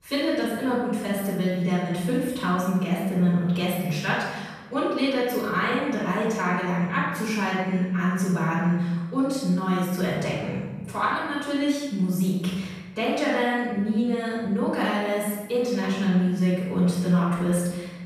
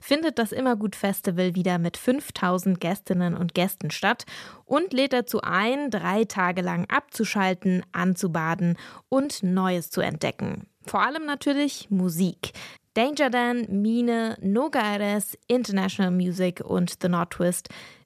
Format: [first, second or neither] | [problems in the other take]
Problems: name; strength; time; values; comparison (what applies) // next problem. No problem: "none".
second | room echo; strong; dies away in 1.1 s // off-mic speech; far